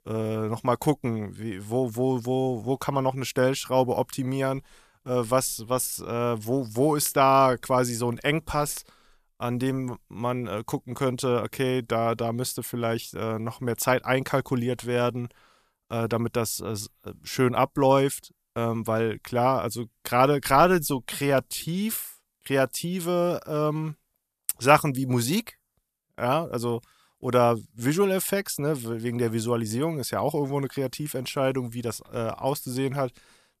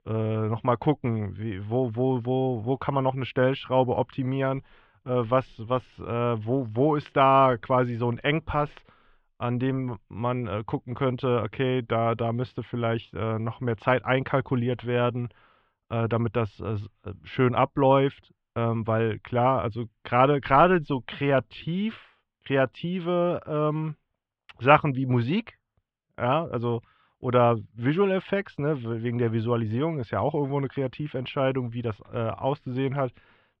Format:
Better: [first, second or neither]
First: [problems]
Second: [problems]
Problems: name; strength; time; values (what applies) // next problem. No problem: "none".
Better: first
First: none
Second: muffled; very; fading above 3 kHz